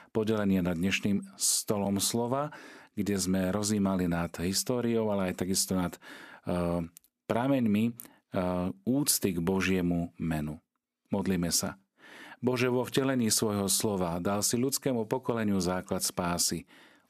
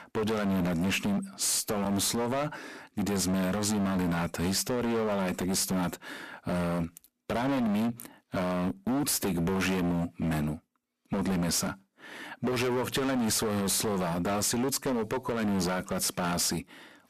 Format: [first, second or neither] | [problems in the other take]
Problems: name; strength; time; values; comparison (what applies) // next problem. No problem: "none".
first | distortion; heavy; 27% of the sound clipped